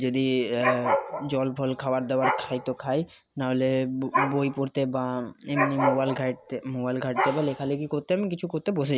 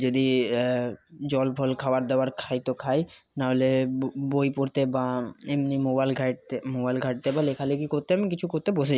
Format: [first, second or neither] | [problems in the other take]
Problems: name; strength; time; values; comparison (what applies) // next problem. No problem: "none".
second | background sound (Dog); 5 dB below the speech